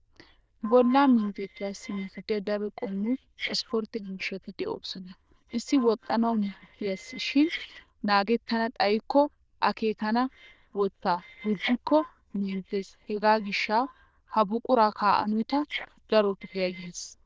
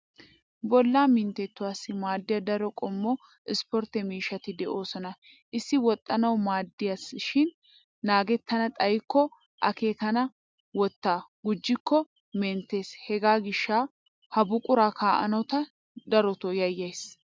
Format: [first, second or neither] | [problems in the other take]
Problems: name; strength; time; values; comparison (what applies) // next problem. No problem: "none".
second | noise reduction (neural diffusion model UNIVERSE++)